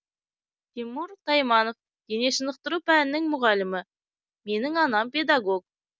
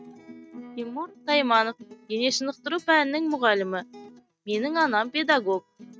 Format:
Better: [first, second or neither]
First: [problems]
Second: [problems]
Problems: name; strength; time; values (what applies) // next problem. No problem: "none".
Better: first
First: none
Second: noise reduction (neural mask model RNNoise)